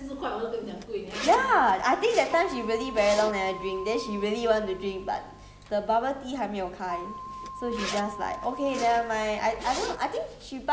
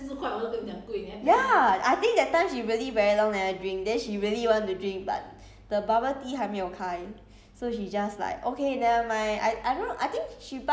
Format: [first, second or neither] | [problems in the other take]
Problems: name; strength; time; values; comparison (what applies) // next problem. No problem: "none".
second | background sound (Keyboard (musical) + Zipper (clothing)); 12 dB below the speech